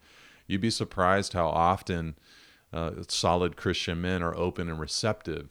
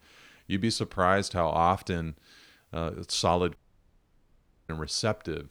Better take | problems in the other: first | audio cutting out; at 3.5 s for 1 s

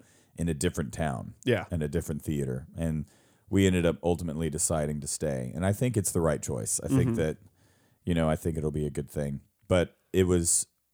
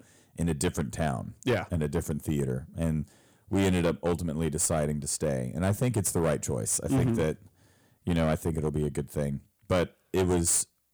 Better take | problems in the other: first | distortion; slight; 7% of the sound clipped

